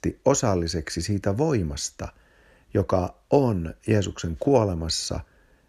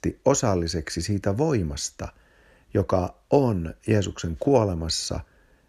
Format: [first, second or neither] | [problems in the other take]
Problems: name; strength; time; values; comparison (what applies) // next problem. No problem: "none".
neither | none